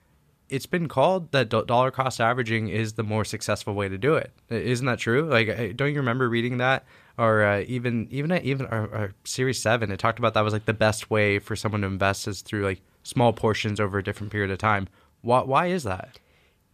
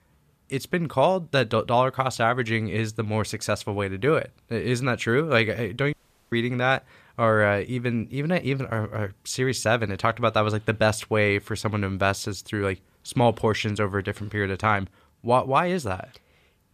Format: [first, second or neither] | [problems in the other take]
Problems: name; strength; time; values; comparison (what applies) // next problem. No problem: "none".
first | audio cutting out; at 6 s